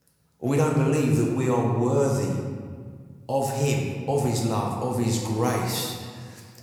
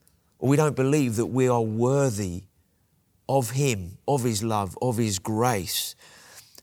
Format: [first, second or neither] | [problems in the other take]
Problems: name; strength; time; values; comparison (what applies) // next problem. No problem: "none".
second | room echo; noticeable; dies away in 1.4 s // off-mic speech; somewhat distant